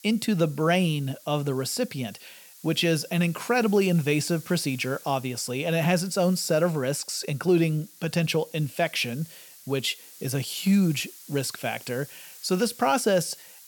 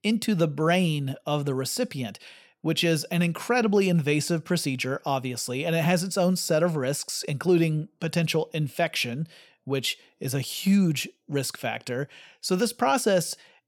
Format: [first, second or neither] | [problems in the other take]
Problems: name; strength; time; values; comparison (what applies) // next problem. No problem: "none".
second | hiss; noticeable; throughout; 20 dB below the speech